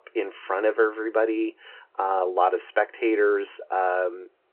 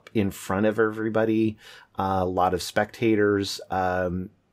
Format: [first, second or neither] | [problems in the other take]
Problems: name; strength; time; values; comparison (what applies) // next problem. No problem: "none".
second | phone-call audio